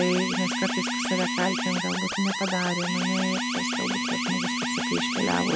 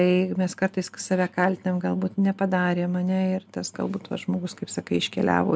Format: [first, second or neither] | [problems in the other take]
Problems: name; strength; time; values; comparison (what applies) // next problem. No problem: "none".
second | background sound (Telephone + Alarm); 1 dB above the speech